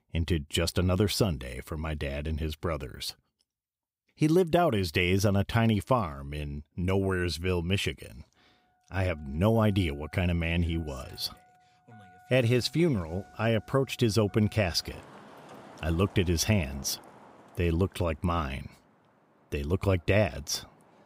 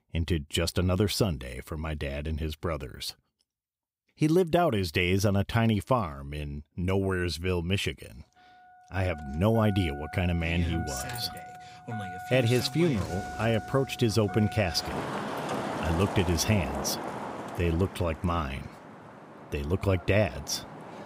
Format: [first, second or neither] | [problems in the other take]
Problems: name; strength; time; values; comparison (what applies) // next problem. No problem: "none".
first | traffic noise; loud; from 8.5 s on; 9 dB below the speech; faint in the first